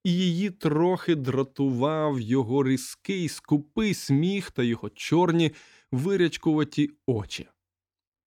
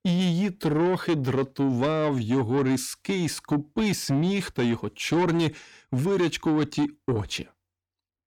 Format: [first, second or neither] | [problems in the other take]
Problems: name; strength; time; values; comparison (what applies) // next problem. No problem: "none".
first | distortion; slight; 10 dB below the speech